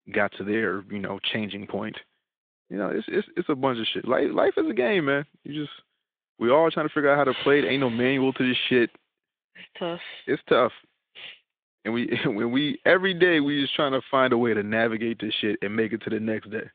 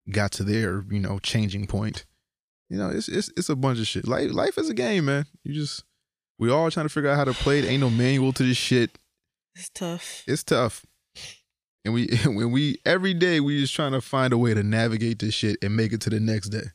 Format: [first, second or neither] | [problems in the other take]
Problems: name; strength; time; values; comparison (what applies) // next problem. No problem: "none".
second | phone-call audio